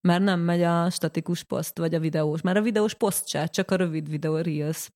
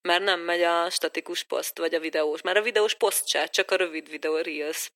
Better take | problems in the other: first | thin; very; fading below 350 Hz

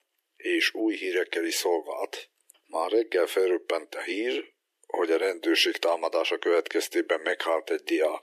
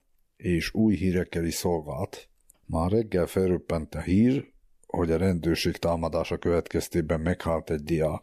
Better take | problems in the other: second | thin; very; fading below 300 Hz

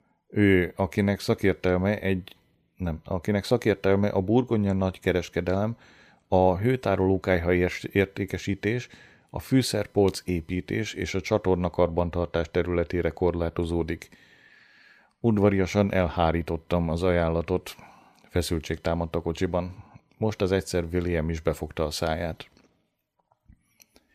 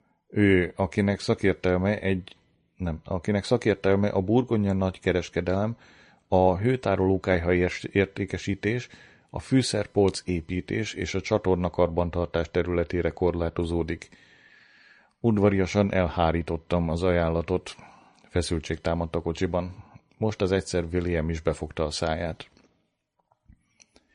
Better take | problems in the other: first | garbled, watery; slightly; nothing above 10.5 kHz

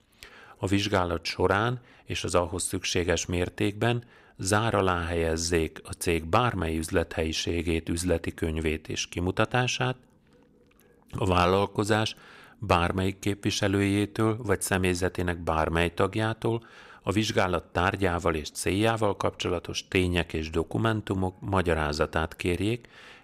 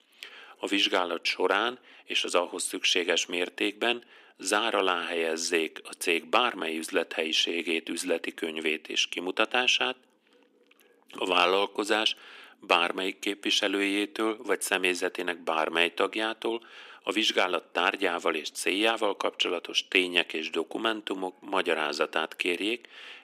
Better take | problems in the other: first | thin; somewhat; fading below 250 Hz

